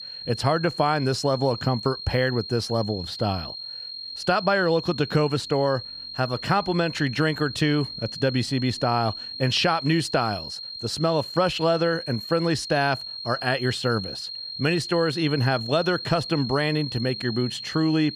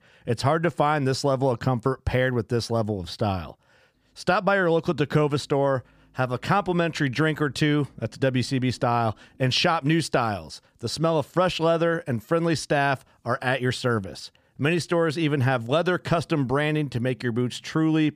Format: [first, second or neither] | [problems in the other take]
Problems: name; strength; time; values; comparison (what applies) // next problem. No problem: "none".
second | high-pitched whine; loud; throughout; 4 kHz, 9 dB below the speech